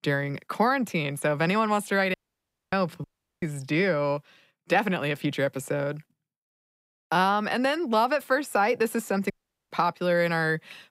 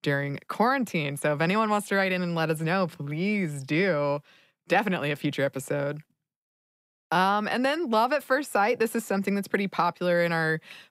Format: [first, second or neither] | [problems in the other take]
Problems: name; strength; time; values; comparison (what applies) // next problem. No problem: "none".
second | audio cutting out; at 2 s for 0.5 s, at 3 s and at 9.5 s